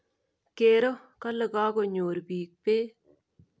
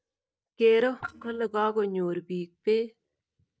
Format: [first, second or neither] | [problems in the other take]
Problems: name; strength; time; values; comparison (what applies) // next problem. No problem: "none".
first | noise reduction (neural mask model DeepFilterNet 3)